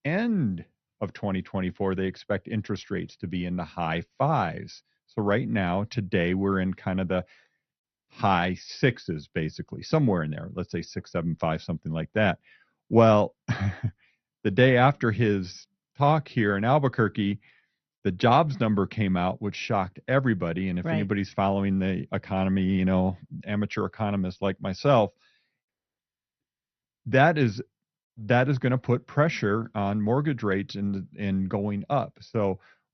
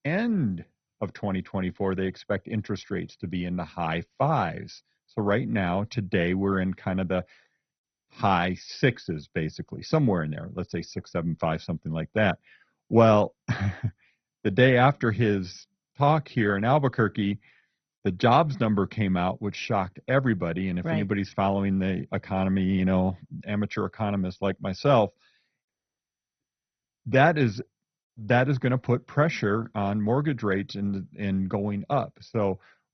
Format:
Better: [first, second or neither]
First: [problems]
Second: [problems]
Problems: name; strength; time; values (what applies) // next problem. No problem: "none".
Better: first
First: garbled, watery; slightly; nothing above 6 kHz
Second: garbled, watery; badly; nothing above 6 kHz